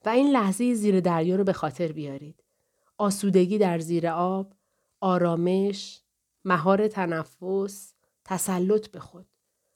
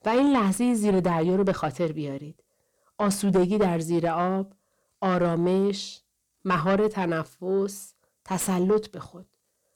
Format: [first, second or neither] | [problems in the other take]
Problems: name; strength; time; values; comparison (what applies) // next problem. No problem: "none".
first | distortion; slight; 10 dB below the speech